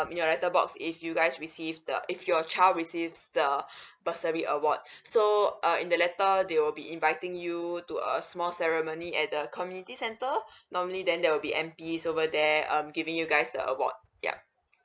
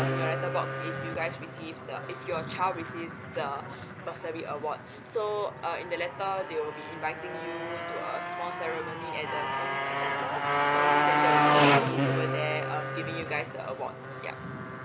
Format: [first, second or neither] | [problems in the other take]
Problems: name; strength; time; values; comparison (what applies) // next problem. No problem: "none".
first | background sound (Motorcycle); 5 dB above the speech